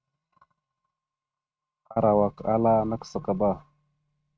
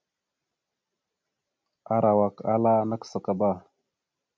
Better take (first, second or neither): second